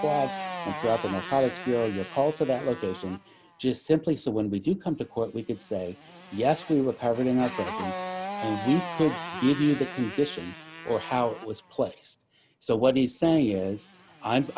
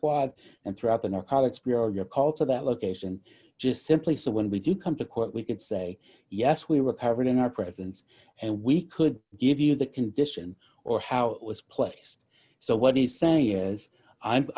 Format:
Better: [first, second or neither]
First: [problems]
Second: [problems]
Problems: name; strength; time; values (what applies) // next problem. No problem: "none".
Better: second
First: background sound (Motorcycle); 12 dB below the speech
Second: none